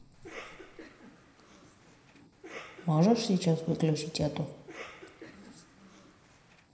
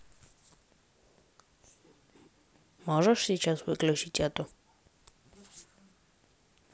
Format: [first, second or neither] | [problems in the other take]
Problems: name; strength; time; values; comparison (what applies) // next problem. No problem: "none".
second | background sound (Cough); 18 dB below the speech // room echo; dies away in 0.9 s